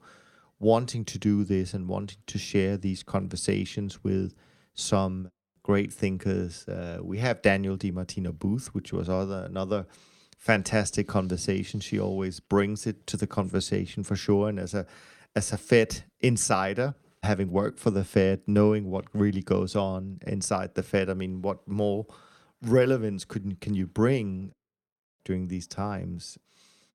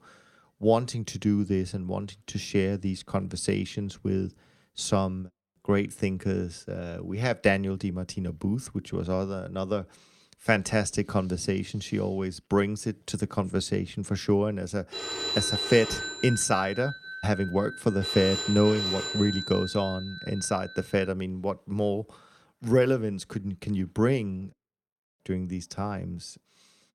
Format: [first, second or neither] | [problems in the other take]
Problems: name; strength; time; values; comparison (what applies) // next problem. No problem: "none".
first | phone ringing; loud; from 15 to 21 s; peak 2 dB above the speech